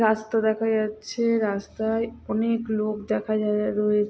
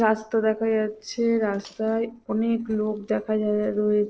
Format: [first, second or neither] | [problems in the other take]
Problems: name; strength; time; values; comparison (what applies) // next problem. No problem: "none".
first | noise reduction (neural separator model SepFormer DNS4)